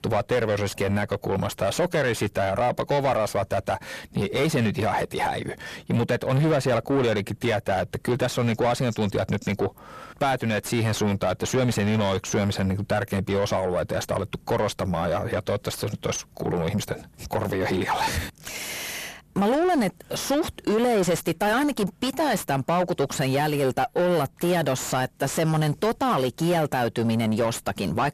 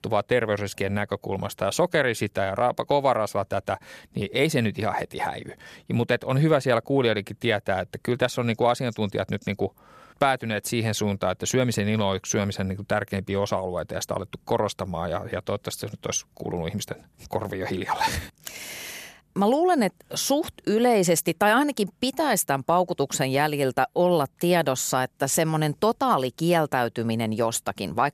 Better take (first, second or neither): second